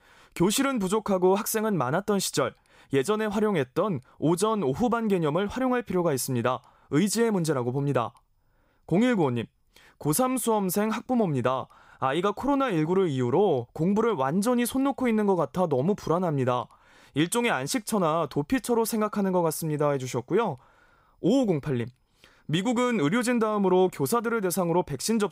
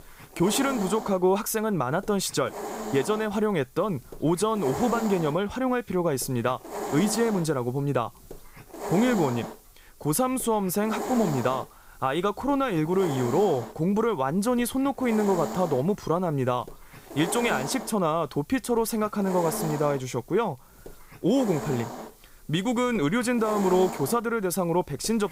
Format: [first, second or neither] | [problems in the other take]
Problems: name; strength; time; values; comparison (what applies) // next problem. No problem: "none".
first | hiss; loud; throughout; 9 dB below the speech